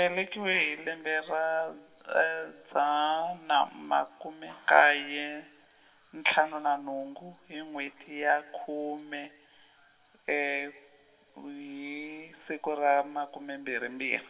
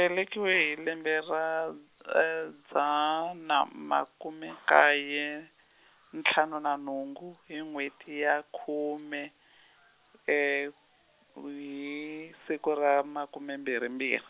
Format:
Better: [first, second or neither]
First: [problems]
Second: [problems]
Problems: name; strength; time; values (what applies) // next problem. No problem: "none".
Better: second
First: room echo; dies away in 1 s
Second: none